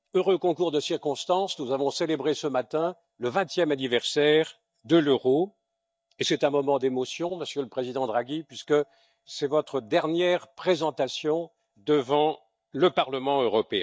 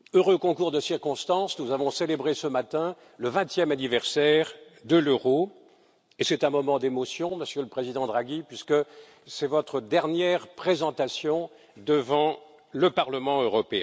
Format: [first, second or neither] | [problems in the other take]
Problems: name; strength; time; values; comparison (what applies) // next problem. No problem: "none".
second | noise reduction (neural mask model DeepFilterNet 3)